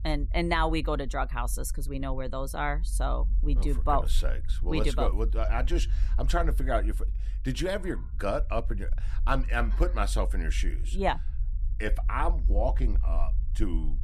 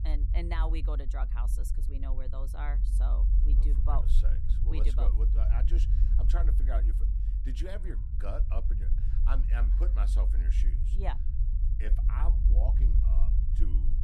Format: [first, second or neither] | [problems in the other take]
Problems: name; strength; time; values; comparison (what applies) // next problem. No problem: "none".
first | low rumble; loud; throughout; 6 dB below the speech; faint in the first